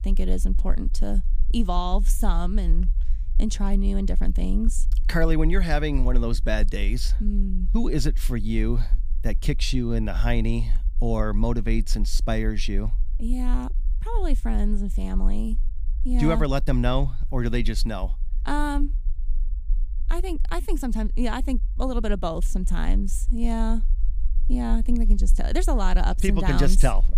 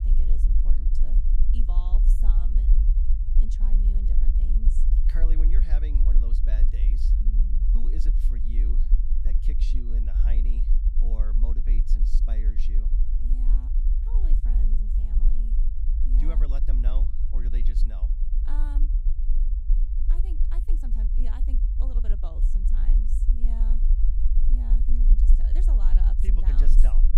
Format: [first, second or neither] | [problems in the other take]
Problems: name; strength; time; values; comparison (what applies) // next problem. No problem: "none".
first | low rumble; loud; throughout; 1 dB below the speech; faint in the first